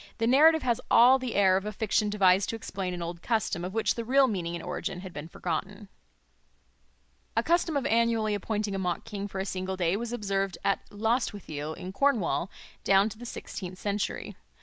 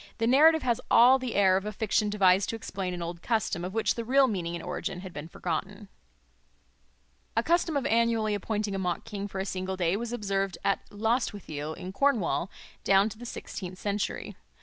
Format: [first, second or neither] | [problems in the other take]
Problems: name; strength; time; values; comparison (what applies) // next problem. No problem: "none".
second | noise reduction (neural mask model Resemble Enhance denoiser)